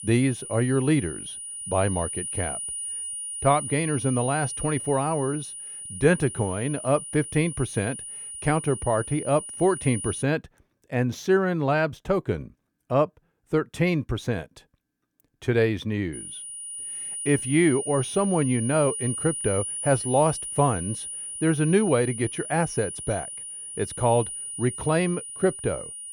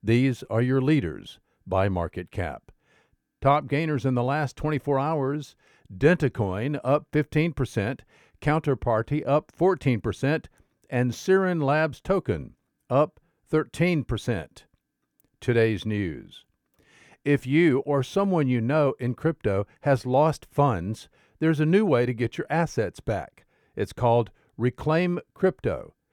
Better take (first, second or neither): second